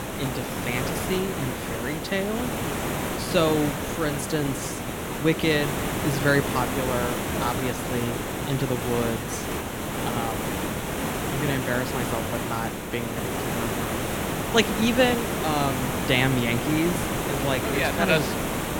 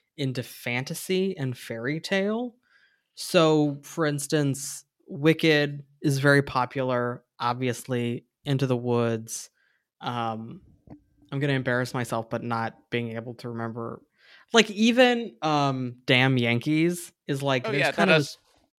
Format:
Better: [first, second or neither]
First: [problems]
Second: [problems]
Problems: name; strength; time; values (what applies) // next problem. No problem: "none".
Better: second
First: hiss; loud; throughout; 1 dB below the speech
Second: none